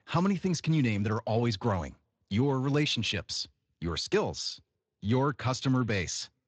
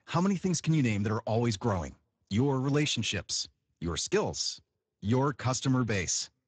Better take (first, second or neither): first